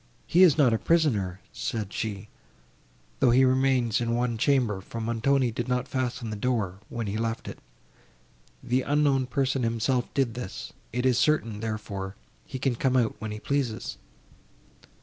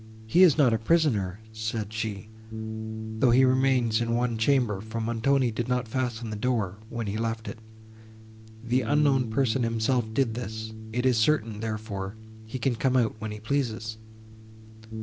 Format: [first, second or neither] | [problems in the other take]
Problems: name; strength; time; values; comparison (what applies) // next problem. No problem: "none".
first | background sound (Bass guitar); 11 dB below the speech